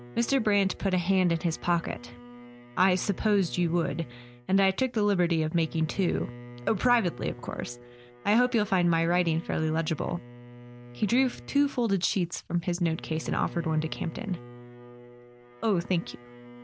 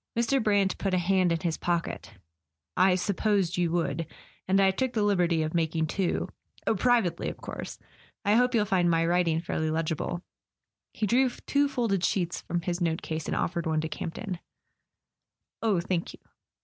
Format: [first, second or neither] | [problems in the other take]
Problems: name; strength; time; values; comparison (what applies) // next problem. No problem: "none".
second | background sound (Bowed string instrument); 17 dB below the speech